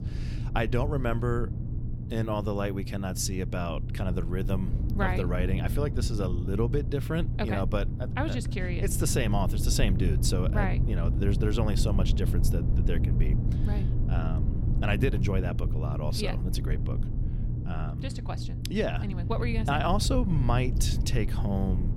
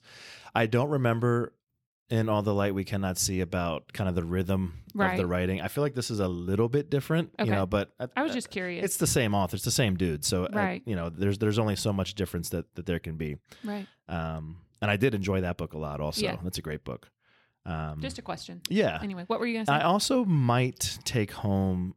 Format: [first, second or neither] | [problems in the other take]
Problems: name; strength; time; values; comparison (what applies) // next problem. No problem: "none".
second | low rumble; loud; throughout; 9 dB below the speech